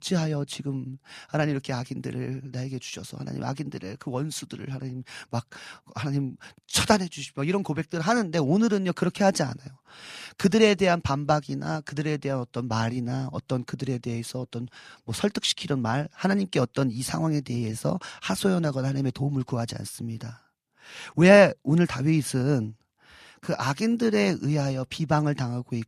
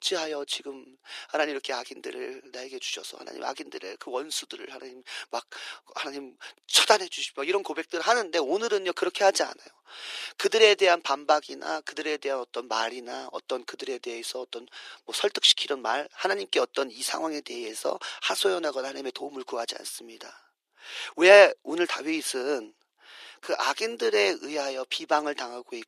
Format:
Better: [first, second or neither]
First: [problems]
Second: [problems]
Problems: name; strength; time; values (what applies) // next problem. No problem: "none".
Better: first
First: none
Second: thin; very; fading below 350 Hz